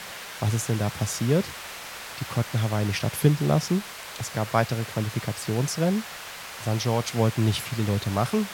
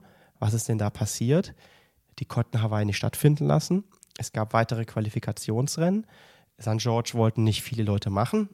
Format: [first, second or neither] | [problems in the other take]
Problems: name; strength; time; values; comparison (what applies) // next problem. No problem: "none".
second | hiss; noticeable; throughout; 10 dB below the speech